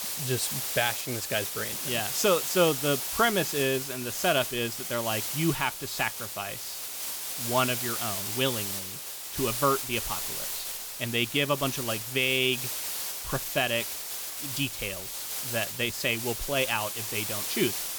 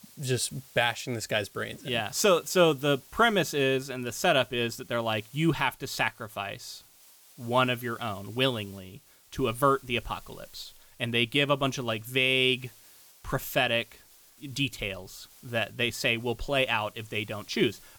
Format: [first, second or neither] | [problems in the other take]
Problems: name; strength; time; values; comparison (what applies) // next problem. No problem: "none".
second | hiss; loud; throughout; 3 dB below the speech; faint in the second